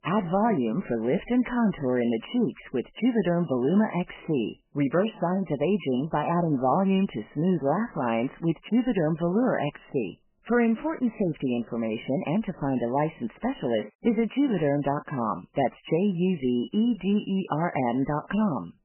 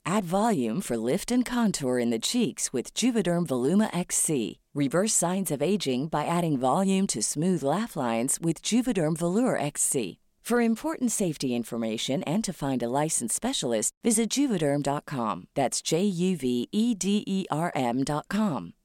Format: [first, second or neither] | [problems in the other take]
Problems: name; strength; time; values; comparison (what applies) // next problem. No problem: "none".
second | garbled, watery; badly; nothing above 3 kHz